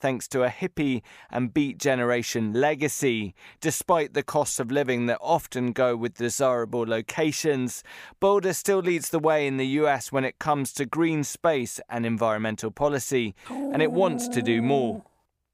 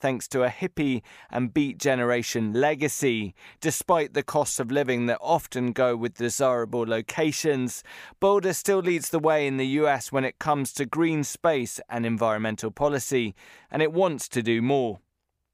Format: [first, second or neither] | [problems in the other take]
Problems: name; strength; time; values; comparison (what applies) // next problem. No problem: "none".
second | dog barking; noticeable; from 13 to 15 s; peak 5 dB below the speech